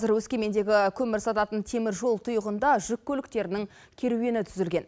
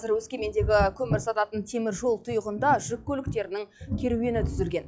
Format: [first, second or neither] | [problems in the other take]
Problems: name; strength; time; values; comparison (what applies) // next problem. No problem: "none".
first | noise reduction (classical method log-MMSE)